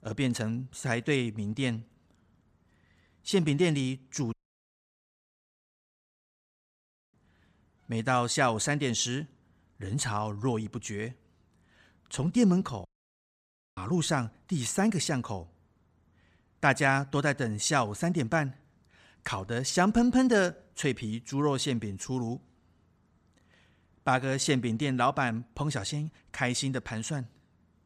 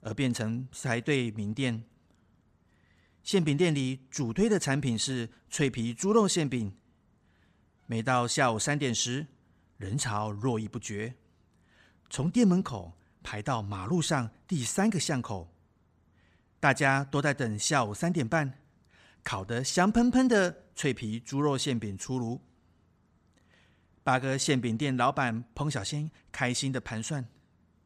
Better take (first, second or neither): second